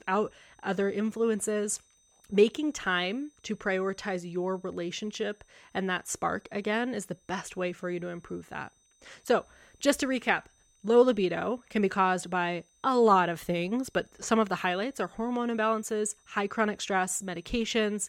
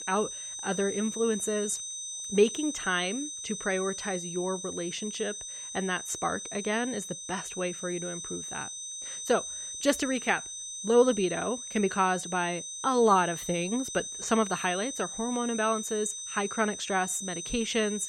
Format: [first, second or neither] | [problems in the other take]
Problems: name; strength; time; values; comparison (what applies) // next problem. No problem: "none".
first | high-pitched whine; loud; throughout; 6 kHz, 6 dB below the speech; faint in the first